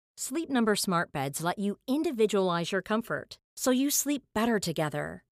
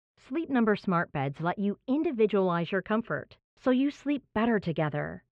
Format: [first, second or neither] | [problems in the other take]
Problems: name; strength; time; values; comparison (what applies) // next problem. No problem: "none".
first | muffled; very; fading above 2.5 kHz